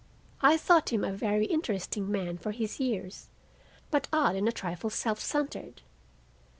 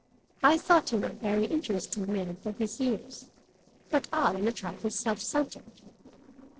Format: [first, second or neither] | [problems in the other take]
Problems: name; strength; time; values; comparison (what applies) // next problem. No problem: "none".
first | noise reduction (neural separator model SepFormer DNS4)